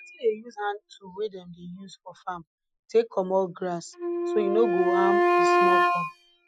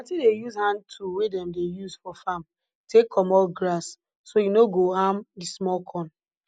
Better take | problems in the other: second | noise reduction (classical method Wiener filter)

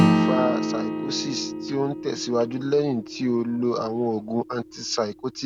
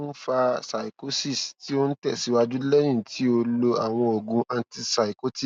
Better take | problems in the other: second | background sound (Acoustic guitar / Strum); 1 dB below the speech

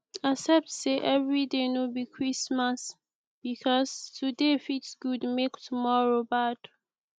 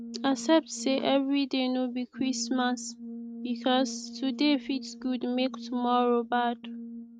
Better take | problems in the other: first | noise reduction (neural mask model RNNoise)

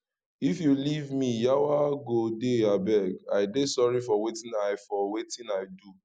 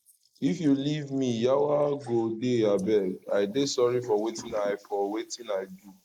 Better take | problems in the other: first | noise reduction (neural mask model Resemble Enhance denoiser)

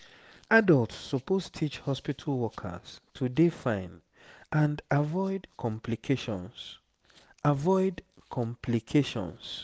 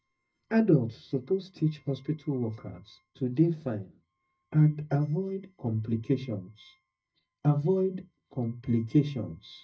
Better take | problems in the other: first | noise reduction (neural mask model DeepFilterNet 3)

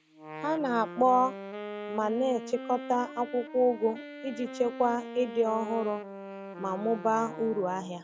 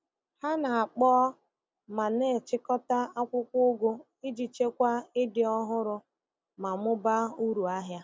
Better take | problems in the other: second | background sound (Wind instrument, woodwind instrument); 11 dB below the speech

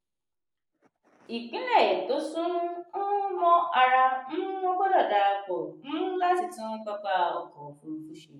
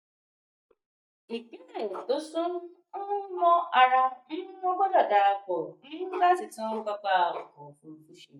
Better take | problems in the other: first | noise reduction (neural mask model DeepFilterNet 3)

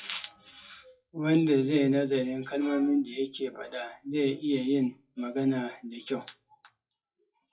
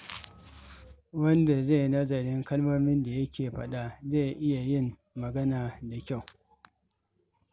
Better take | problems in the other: second | noise reduction (classical method WPE with log-MMSE)

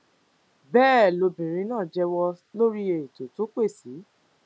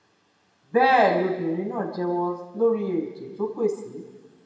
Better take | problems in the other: first | room echo; dies away in 1.2 s

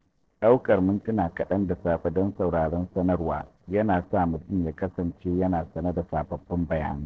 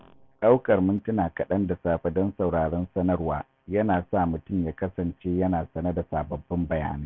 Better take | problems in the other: second | noise reduction (neural separator model SepFormer DNS4)

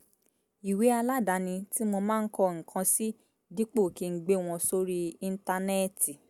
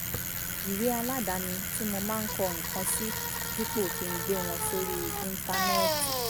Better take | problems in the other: first | background sound (Bicycle); 2 dB above the speech

